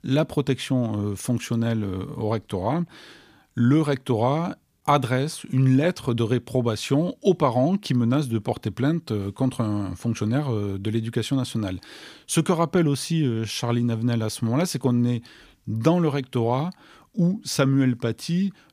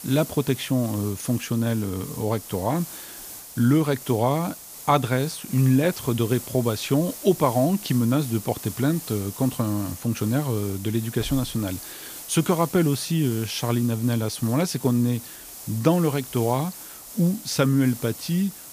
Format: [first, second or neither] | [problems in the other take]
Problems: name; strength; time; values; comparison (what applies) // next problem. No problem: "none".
first | hiss; noticeable; throughout; 15 dB below the speech